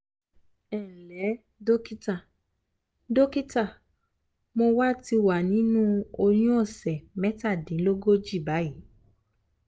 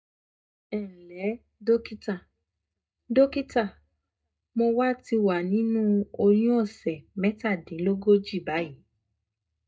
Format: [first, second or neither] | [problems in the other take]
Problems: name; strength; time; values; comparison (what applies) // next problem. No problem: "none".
first | noise reduction (neural mask model DeepFilterNet 3)